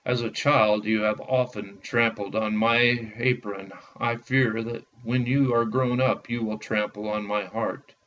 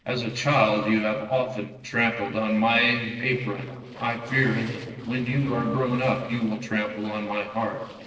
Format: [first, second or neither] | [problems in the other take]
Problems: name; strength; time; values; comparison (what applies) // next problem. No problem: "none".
first | noise reduction (neural separator model SepFormer DNS4)